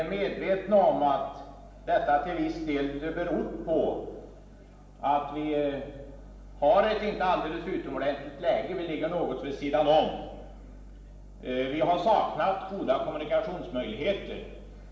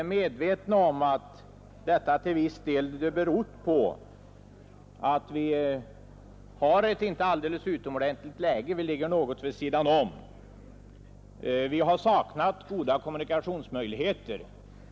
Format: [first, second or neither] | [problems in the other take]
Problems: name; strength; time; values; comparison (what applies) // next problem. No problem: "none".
second | room echo; dies away in 1 s